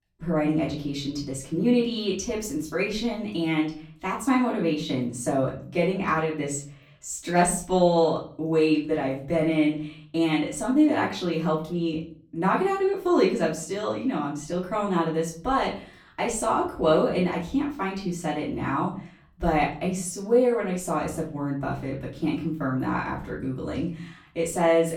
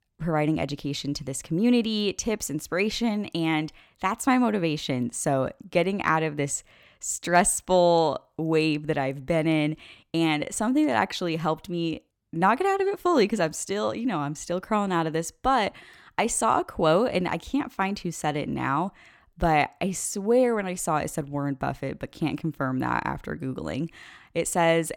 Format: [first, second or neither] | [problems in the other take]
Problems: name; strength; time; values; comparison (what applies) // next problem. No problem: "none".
second | off-mic speech; far // room echo; slight; dies away in 0.4 s